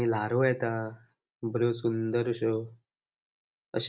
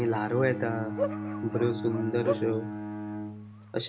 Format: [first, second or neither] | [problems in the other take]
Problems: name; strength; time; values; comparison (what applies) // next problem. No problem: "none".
first | background sound (Bark + Bowed string instrument); 4 dB below the speech